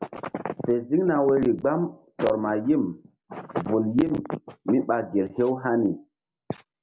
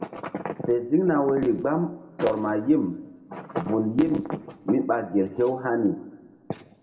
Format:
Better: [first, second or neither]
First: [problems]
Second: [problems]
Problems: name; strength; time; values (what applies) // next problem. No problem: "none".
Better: first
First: none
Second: room echo; dies away in 1 s